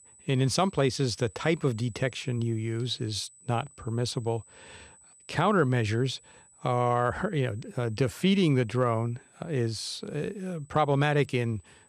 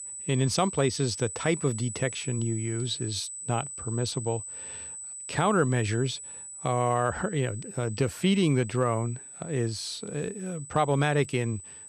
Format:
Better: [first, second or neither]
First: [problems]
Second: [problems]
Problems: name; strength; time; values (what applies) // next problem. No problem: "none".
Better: first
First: high-pitched whine; faint; throughout; 8 kHz, 25 dB below the speech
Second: high-pitched whine; loud; throughout; 8 kHz, 10 dB below the speech